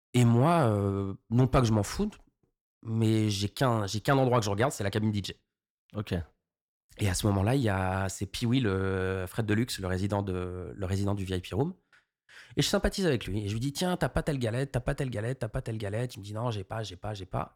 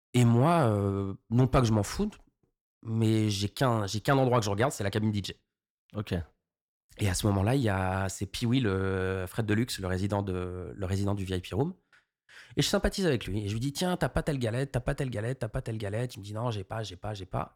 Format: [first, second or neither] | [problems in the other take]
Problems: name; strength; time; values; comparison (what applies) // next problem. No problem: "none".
neither | none